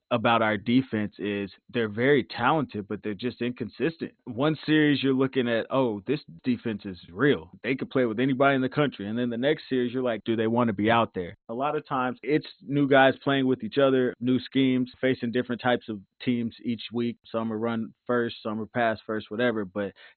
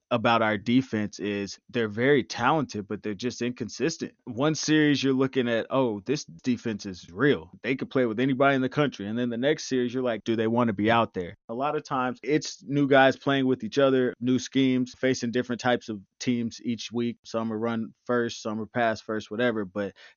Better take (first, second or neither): second